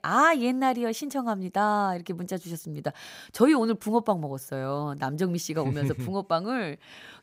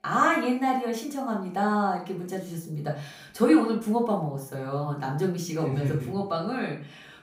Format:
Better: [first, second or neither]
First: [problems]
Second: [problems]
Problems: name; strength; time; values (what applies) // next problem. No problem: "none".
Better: first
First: none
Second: room echo; slight; dies away in 0.4 s // off-mic speech; far